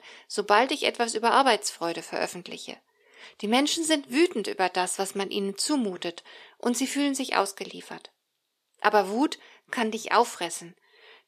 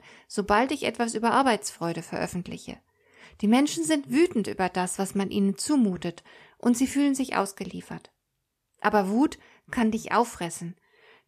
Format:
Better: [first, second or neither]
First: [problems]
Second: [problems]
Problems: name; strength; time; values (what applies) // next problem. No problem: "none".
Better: second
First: thin; very slightly; fading below 400 Hz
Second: none